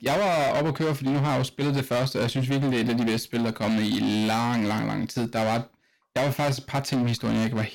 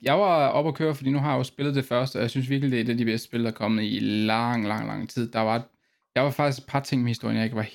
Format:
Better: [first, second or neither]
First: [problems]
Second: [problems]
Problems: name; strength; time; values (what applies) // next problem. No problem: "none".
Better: second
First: distortion; heavy; 28% of the sound clipped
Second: none